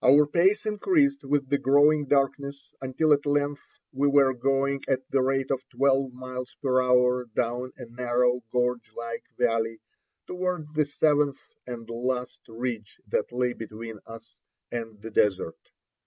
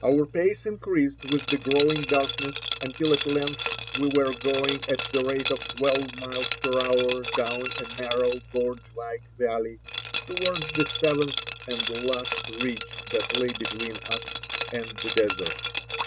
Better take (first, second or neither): first